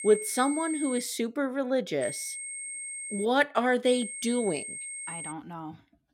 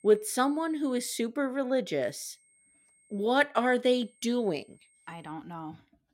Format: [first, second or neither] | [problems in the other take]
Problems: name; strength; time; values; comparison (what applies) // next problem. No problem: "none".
second | high-pitched whine; loud; until 1 s, from 2 to 3 s and from 4 to 5.5 s; 8.5 kHz, 8 dB below the speech; faint in the second